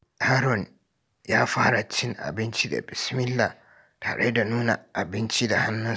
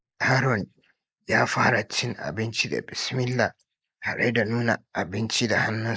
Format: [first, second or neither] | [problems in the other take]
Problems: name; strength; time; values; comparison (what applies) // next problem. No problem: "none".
first | noise reduction (neural mask model Resemble Enhance denoiser)